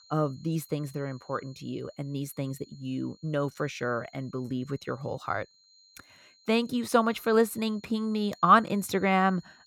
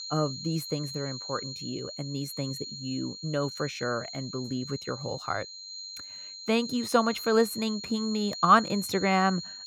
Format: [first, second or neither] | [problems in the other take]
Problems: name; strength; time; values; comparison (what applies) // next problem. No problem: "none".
first | high-pitched whine; loud; throughout; 4.5 kHz, 9 dB below the speech; faint in the first